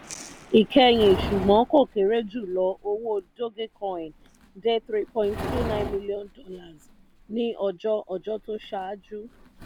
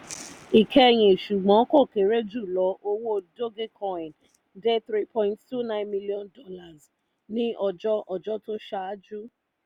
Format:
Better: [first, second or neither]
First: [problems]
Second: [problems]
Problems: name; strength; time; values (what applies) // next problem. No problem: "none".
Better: second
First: background sound (Livestock, farm animals, working animals); 12 dB below the speech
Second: none